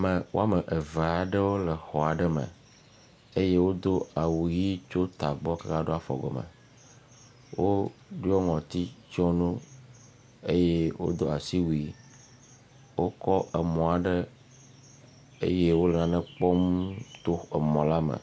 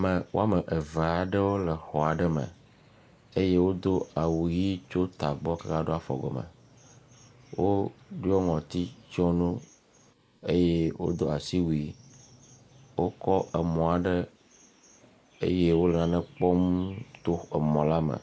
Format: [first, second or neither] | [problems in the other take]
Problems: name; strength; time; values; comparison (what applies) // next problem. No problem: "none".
first | noise reduction (neural mask model Resemble Enhance denoiser)